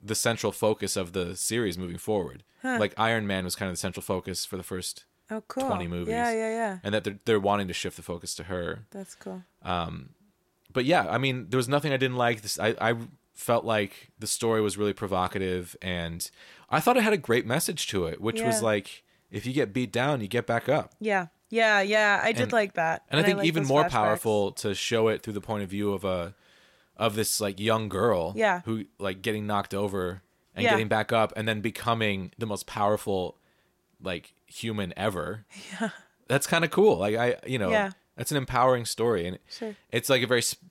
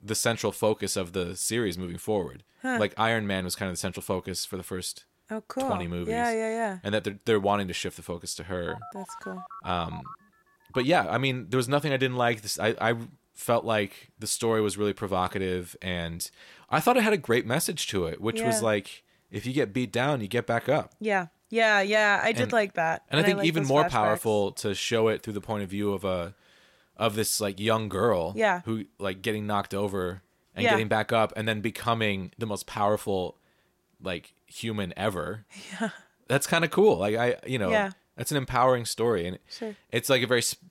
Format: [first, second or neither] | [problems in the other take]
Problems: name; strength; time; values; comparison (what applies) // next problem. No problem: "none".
first | phone ringing; faint; from 8.5 to 11 s; peak 15 dB below the speech